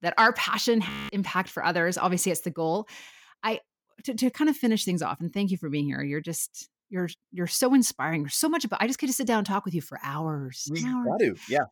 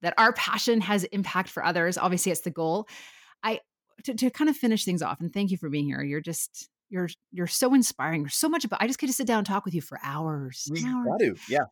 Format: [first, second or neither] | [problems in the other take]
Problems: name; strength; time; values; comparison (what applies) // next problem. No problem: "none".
second | audio freezing; at 1 s